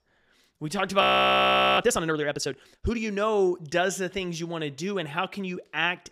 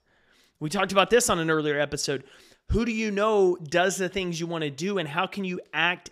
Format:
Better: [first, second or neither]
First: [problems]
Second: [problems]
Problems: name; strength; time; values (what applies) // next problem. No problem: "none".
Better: second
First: audio freezing; at 1 s for 1 s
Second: none